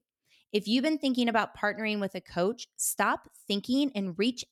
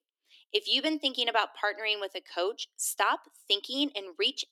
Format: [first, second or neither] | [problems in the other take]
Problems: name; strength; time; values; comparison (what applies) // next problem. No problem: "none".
first | thin; somewhat; fading below 300 Hz